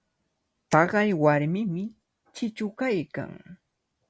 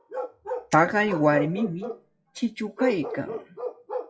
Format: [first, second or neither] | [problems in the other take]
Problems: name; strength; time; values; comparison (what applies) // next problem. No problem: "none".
first | noise reduction (classical method WPE with log-MMSE)